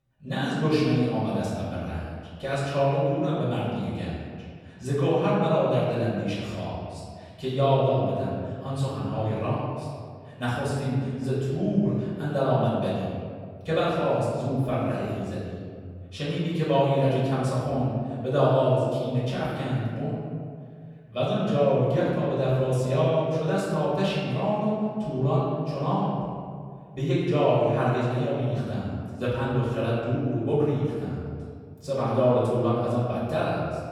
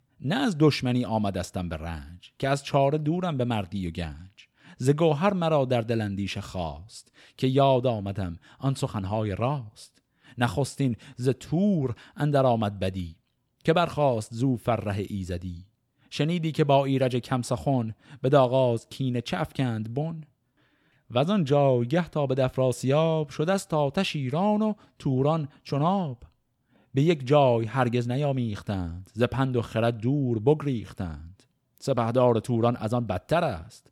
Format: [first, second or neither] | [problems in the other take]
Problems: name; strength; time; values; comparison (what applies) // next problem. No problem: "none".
second | off-mic speech; far // room echo; strong; dies away in 1.8 s